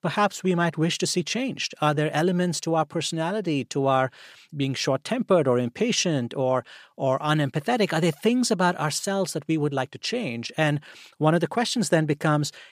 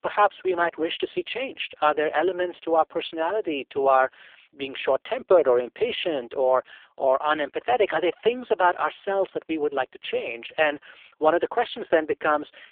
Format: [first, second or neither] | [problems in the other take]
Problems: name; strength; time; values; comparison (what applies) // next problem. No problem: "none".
first | phone-call audio; poor line